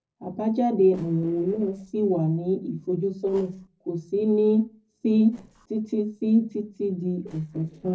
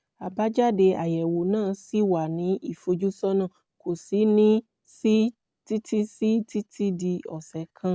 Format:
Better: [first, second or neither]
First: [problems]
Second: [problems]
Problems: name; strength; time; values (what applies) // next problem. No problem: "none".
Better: second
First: noise reduction (neural separator model SepFormer DNS4)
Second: none